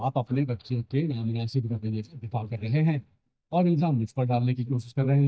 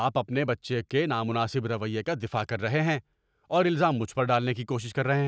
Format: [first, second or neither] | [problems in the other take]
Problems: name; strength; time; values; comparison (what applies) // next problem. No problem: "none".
second | noise reduction (neural mask model DeepFilterNet 3)